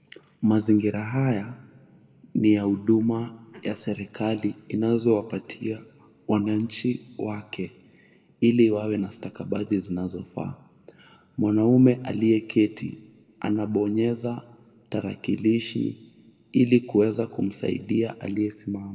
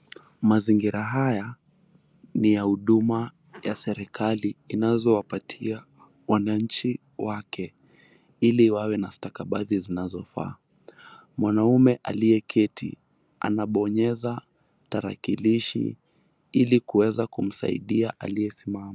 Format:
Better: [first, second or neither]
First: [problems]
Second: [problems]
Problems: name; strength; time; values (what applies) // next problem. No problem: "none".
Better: second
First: room echo; dies away in 1 s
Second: none